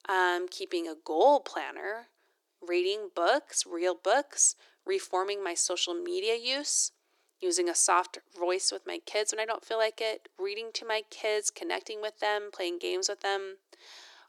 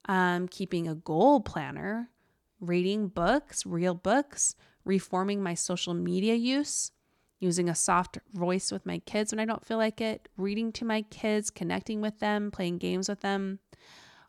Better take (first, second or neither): second